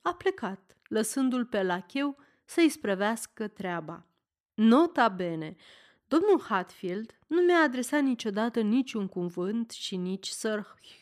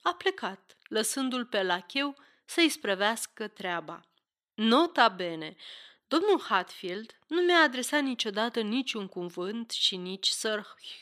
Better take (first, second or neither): first